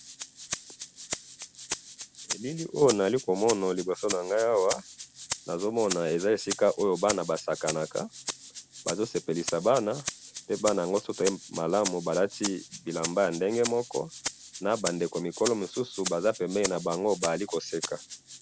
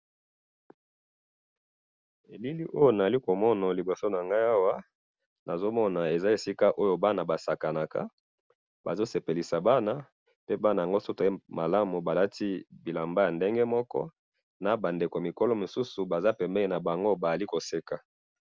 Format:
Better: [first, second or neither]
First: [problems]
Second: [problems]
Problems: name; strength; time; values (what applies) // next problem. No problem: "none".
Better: second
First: background sound (Rattle (instrument)); 10 dB below the speech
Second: none